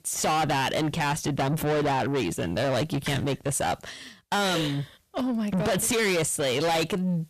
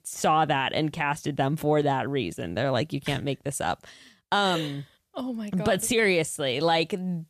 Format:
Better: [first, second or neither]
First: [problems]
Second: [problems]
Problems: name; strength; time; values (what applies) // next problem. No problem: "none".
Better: second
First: distortion; heavy; 6 dB below the speech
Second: none